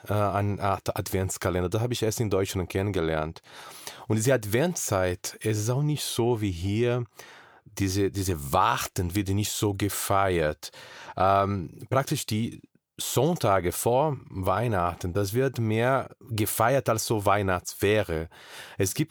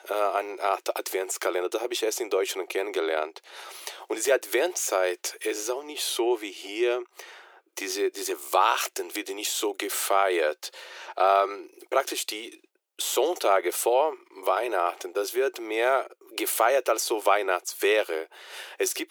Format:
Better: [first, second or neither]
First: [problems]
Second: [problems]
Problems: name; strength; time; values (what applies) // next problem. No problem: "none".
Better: first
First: none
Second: thin; very; fading below 350 Hz